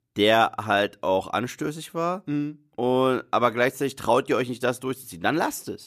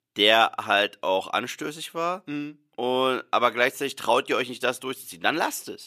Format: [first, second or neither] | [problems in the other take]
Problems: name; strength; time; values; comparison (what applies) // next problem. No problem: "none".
first | thin; very slightly; fading below 950 Hz